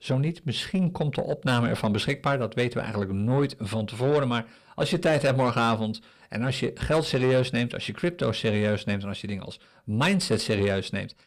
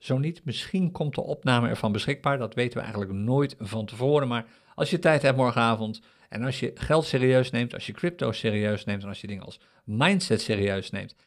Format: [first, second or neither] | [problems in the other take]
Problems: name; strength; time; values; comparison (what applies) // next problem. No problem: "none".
second | distortion; slight; 10 dB below the speech